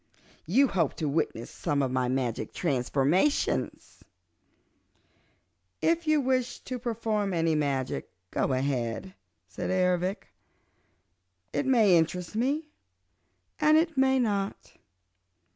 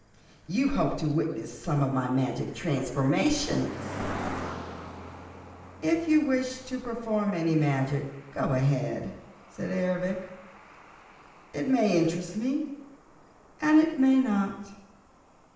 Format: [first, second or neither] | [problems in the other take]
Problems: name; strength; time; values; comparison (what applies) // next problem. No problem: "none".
first | background sound (Cricket); 15 dB below the speech // room echo; dies away in 0.8 s